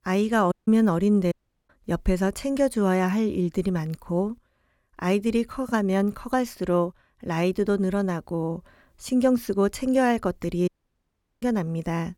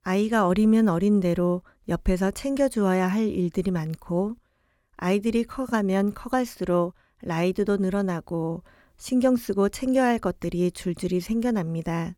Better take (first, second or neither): second